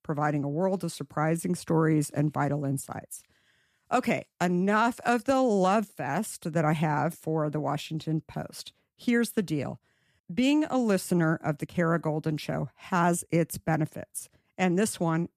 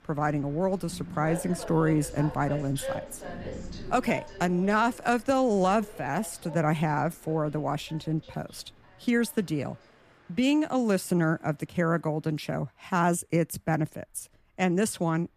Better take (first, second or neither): first